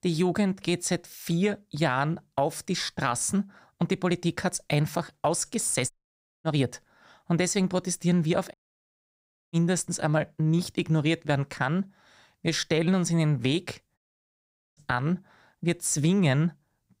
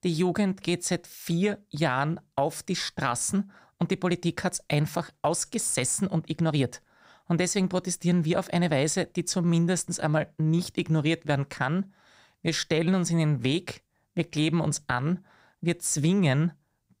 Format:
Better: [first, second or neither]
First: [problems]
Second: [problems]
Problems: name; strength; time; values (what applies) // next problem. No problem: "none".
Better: second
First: audio cutting out; at 6 s for 0.5 s, at 8.5 s for 1 s and at 14 s for 1 s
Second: none